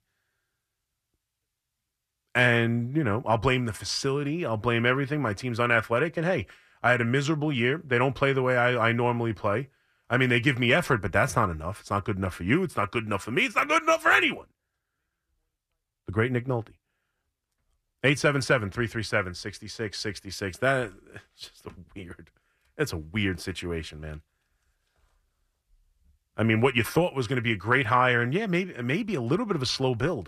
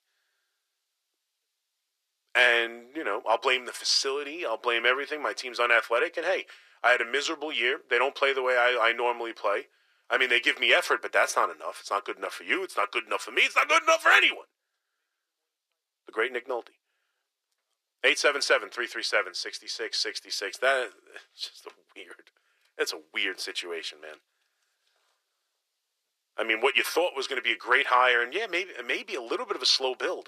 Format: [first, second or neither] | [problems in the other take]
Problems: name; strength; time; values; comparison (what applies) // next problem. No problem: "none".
first | thin; very; fading below 400 Hz